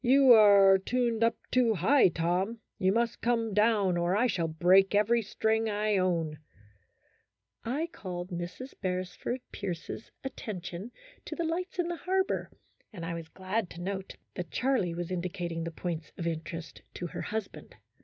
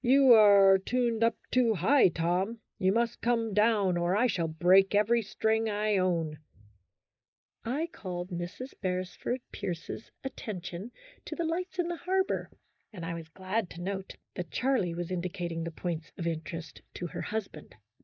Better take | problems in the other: first | noise reduction (neural mask model Resemble Enhance denoiser)

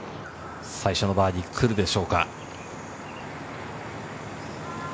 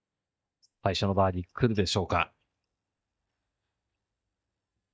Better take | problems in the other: first | noise reduction (neural mask model DeepFilterNet 3)

